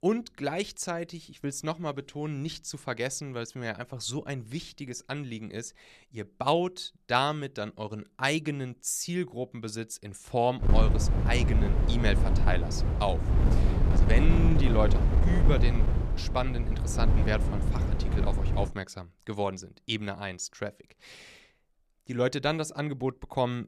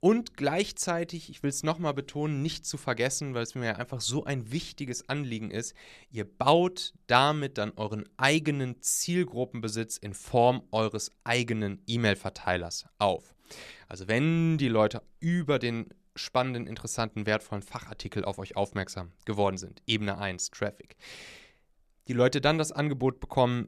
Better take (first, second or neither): second